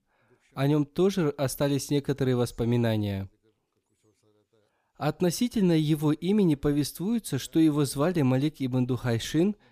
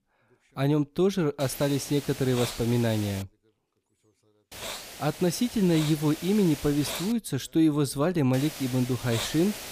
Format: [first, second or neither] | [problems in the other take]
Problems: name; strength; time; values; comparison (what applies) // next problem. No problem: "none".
first | hiss; noticeable; from 1.5 to 3 s, from 4.5 to 7 s and from 8.5 s on; 10 dB below the speech